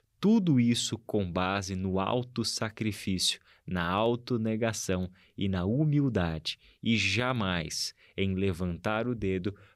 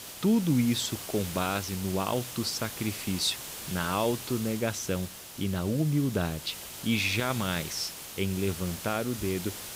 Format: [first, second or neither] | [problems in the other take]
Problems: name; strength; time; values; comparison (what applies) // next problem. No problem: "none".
first | hiss; loud; throughout; 9 dB below the speech